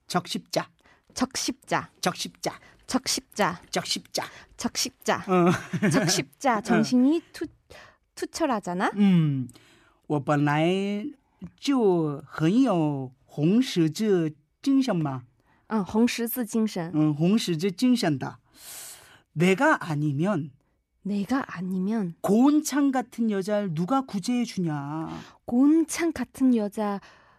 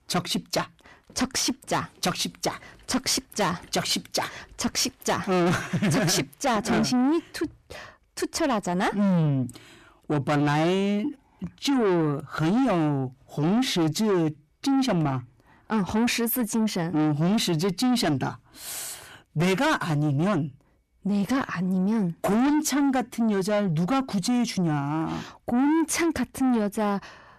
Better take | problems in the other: first | distortion; heavy; 8 dB below the speech

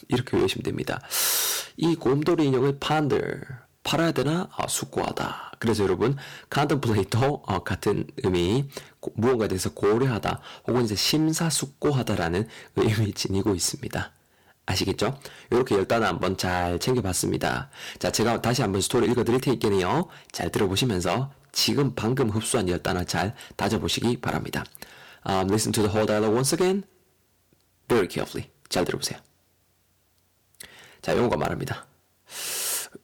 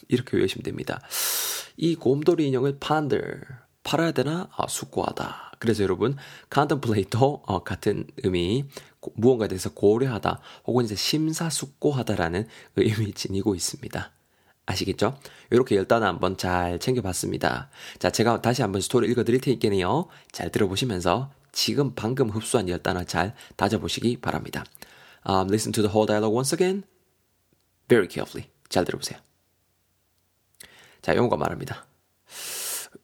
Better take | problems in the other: second | distortion; heavy; 8% of the sound clipped

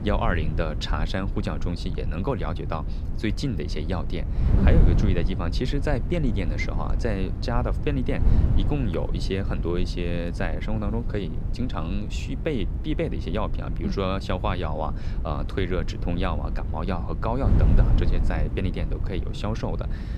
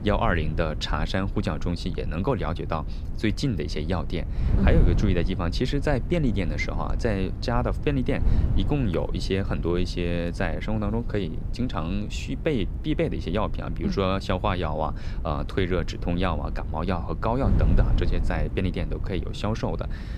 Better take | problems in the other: second | wind noise on the microphone; heavy; 9 dB below the speech; occasional gusts in the second

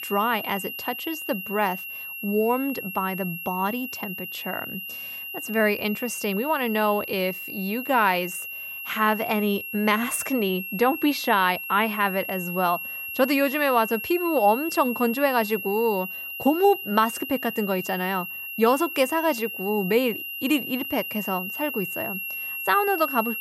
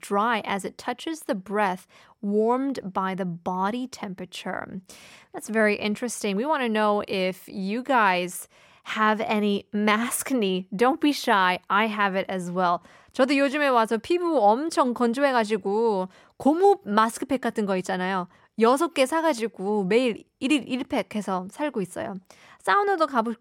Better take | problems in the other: second | high-pitched whine; loud; throughout; 2.5 kHz, 7 dB below the speech

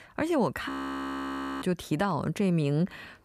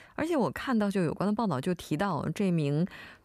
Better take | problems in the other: second | audio freezing; at 0.5 s for 1 s

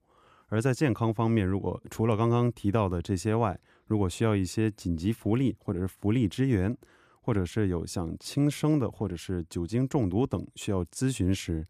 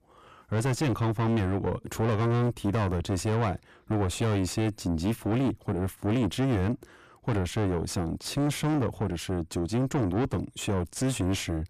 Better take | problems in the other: first | distortion; heavy; 5 dB below the speech

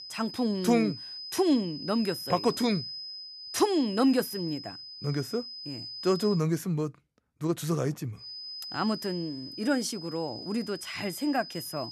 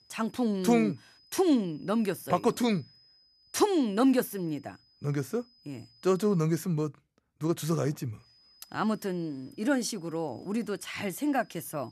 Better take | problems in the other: second | high-pitched whine; loud; until 6.5 s and from 8 s on; 5 kHz, 9 dB below the speech; faint in the second

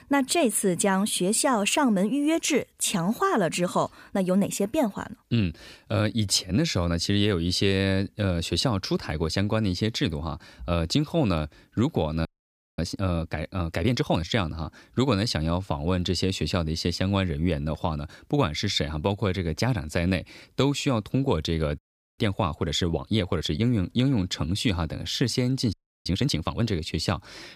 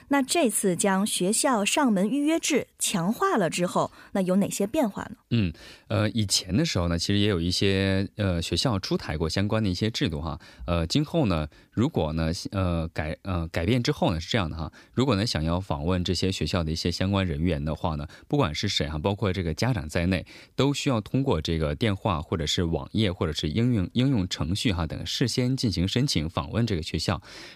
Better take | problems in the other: second | audio freezing; at 12 s for 0.5 s, at 22 s and at 26 s

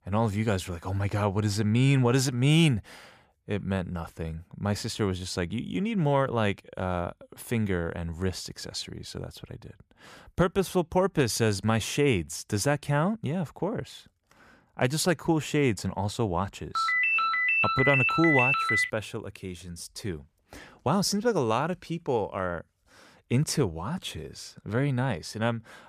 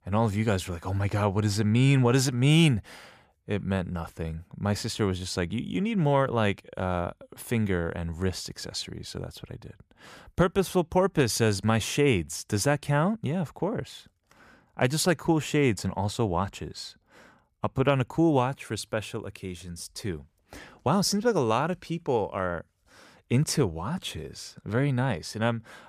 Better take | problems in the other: second | phone ringing; loud; from 17 to 19 s; peak 5 dB above the speech

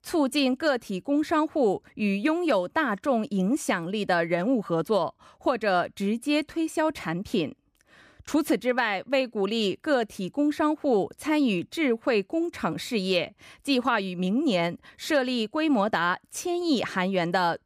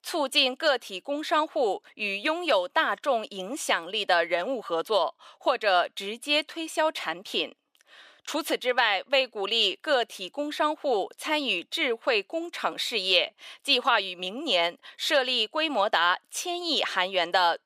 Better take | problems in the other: first | thin; somewhat; fading below 600 Hz

